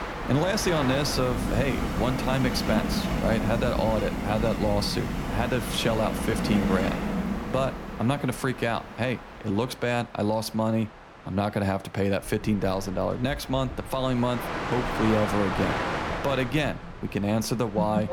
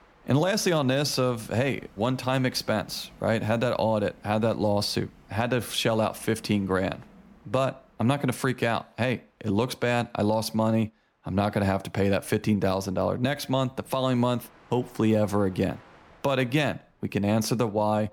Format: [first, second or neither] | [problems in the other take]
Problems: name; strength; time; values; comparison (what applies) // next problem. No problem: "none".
second | train or aircraft noise; loud; throughout; 3 dB below the speech; faint in the second